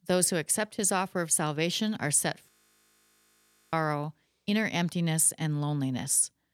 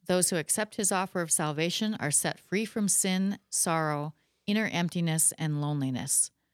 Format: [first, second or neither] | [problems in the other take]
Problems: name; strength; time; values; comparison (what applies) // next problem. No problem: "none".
second | audio freezing; at 2.5 s for 1 s